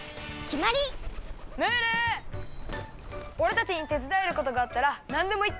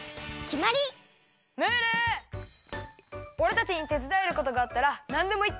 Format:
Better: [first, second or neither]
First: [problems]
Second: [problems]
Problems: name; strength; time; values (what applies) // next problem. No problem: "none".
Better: second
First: background sound (Bird); 11 dB below the speech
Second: none